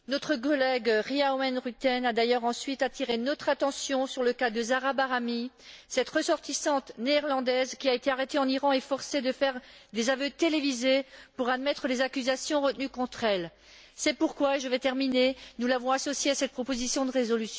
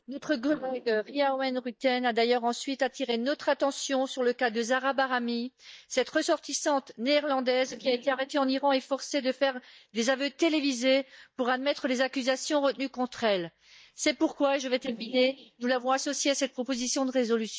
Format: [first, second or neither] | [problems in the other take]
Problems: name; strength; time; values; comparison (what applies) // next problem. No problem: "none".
first | noise reduction (neural mask model DeepFilterNet 3)